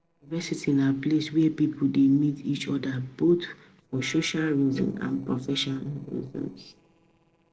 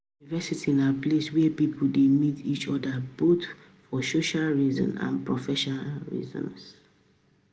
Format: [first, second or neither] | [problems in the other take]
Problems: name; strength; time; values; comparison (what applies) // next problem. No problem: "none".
second | noise reduction (neural separator model SepFormer DNS4)